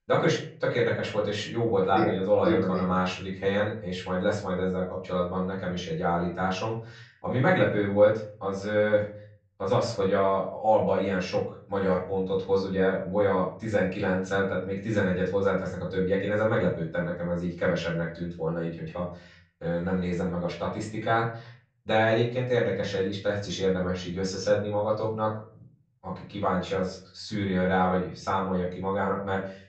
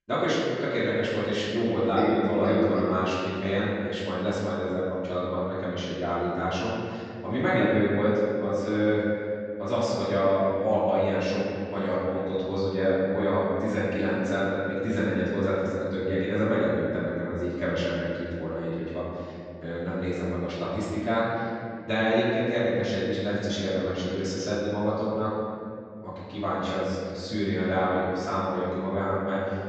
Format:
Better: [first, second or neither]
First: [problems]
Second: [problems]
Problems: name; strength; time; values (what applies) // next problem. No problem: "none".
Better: first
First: room echo; slight; dies away in 0.4 s // off-mic speech; far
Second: room echo; strong; dies away in 2.2 s // off-mic speech; far